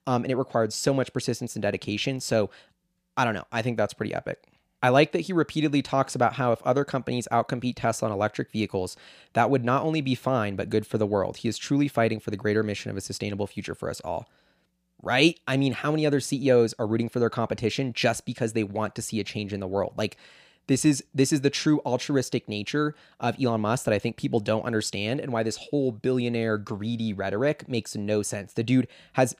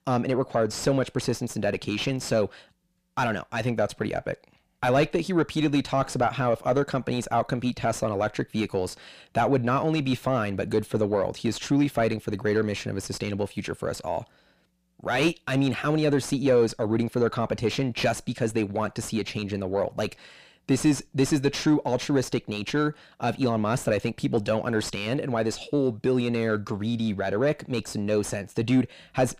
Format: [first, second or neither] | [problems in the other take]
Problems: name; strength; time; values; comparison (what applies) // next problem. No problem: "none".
first | distortion; slight; 10 dB below the speech